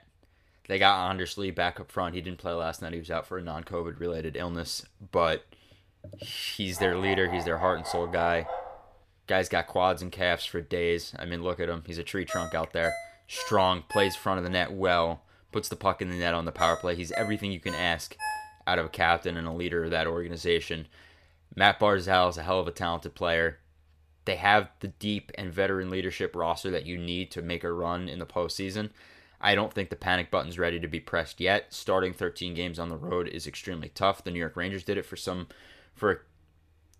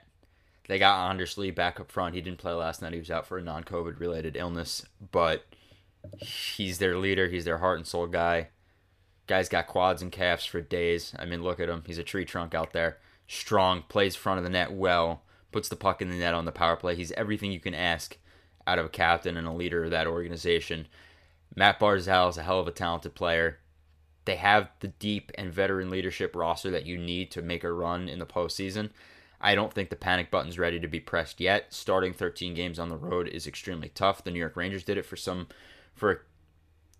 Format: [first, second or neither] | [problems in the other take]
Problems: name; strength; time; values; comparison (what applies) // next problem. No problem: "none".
second | dog barking; noticeable; from 7 to 9 s; peak 6 dB below the speech // phone ringing; noticeable; from 12 to 18 s; peak 6 dB below the speech